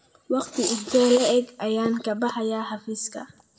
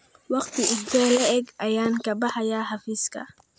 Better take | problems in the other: second | room echo; dies away in 0.5 s

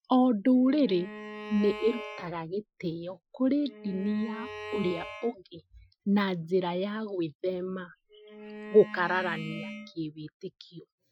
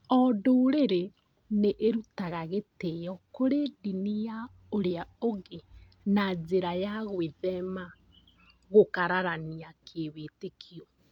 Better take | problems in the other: second | noise reduction (classical method Wiener filter)

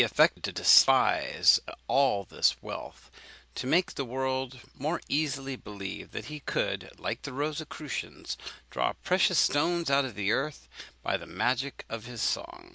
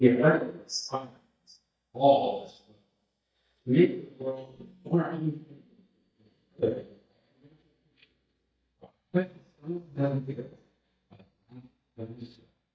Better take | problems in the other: first | noise reduction (neural mask model DeepFilterNet 3)

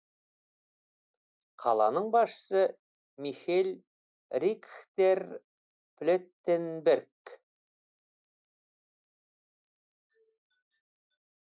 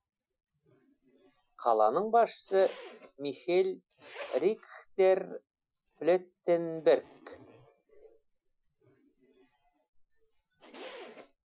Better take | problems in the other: first | noise reduction (classical method Wiener filter)

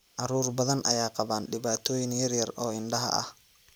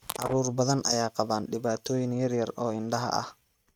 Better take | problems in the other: first | noise reduction (neural mask model RNNoise)

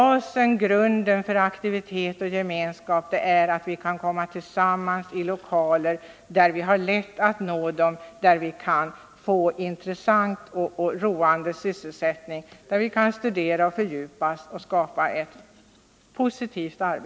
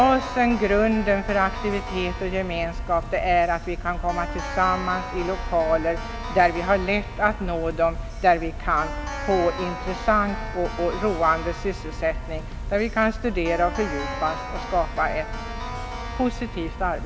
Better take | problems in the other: first | background sound (Keyboard (musical)); 6 dB below the speech

